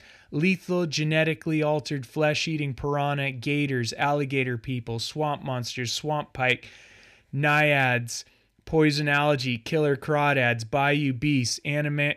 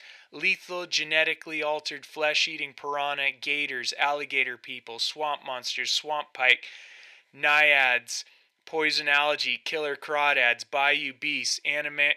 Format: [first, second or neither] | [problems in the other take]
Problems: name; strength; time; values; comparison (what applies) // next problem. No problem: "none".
first | thin; very; fading below 600 Hz